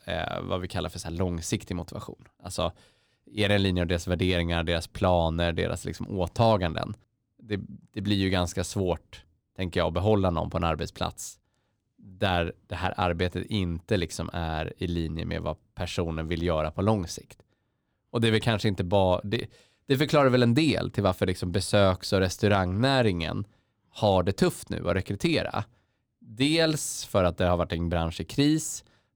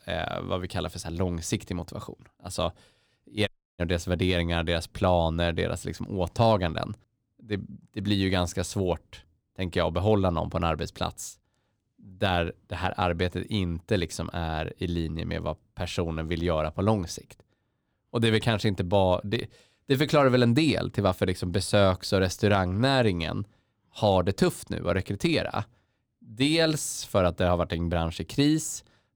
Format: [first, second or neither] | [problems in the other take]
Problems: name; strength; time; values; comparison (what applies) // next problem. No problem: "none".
first | audio cutting out; at 3.5 s